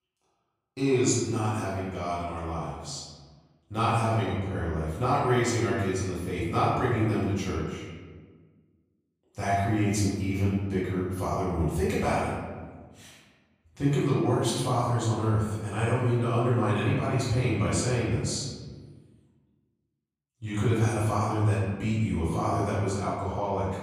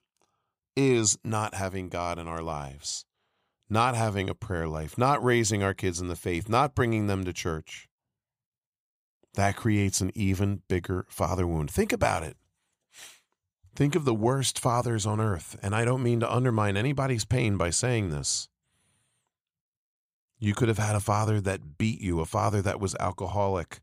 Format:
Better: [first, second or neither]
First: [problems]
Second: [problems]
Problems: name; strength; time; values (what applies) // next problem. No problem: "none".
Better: second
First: room echo; noticeable; dies away in 1.4 s // off-mic speech; far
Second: none